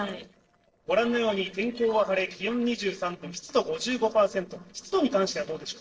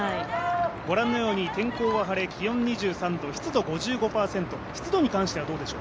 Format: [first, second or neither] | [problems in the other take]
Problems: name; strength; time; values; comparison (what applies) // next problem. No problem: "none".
second | noise reduction (neural separator model SepFormer DNS4)